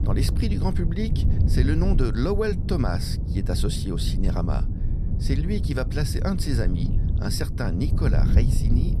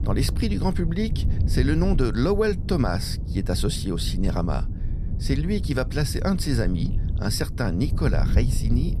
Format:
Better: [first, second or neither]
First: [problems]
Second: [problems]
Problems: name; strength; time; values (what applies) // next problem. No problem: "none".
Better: second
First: wind noise on the microphone; heavy; 7 dB below the speech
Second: wind noise on the microphone; occasional gusts; 10 dB below the speech